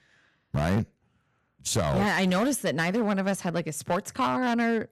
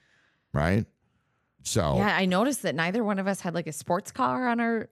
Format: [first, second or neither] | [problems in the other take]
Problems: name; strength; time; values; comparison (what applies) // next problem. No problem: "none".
second | distortion; slight; 8% of the sound clipped